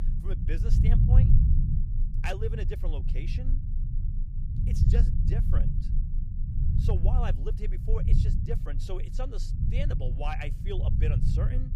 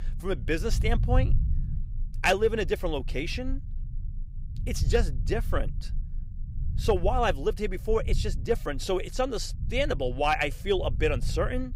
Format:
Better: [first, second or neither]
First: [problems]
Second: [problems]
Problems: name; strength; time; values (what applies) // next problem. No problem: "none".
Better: second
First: low rumble; loud; throughout; 3 dB below the speech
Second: low rumble; faint; throughout; 20 dB below the speech